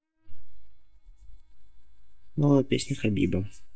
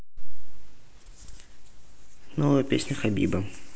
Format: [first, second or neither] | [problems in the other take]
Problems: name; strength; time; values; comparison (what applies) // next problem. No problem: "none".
second | noise reduction (neural mask model DeepFilterNet 3)